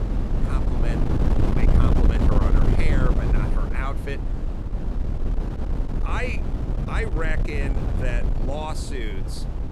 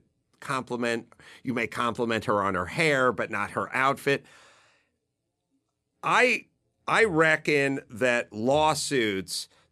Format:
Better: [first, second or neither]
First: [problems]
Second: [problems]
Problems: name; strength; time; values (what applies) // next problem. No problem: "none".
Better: second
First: wind noise on the microphone; heavy; 1 dB below the speech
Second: none